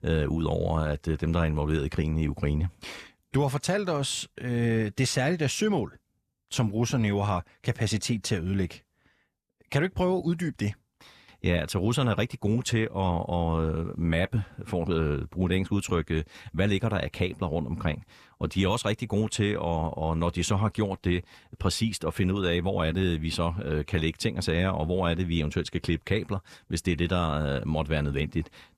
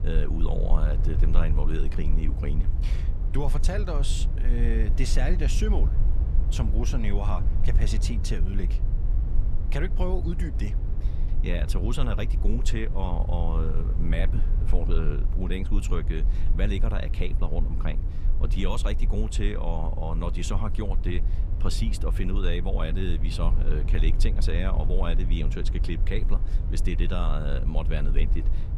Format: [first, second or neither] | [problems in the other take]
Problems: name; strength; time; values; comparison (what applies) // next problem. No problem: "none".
first | low rumble; loud; throughout; 10 dB below the speech